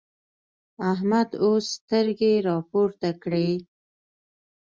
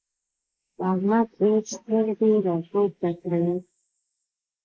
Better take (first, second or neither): first